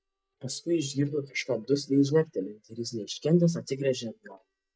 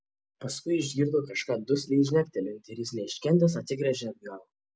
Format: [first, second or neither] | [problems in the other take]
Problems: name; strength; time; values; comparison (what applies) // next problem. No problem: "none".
second | noise reduction (neural mask model DeepFilterNet 3)